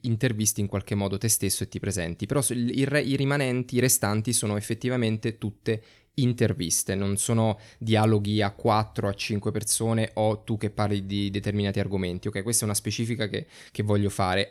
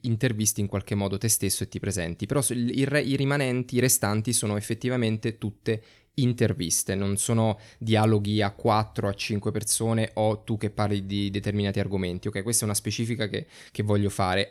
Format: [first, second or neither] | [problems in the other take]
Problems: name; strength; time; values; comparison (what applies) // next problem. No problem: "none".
neither | none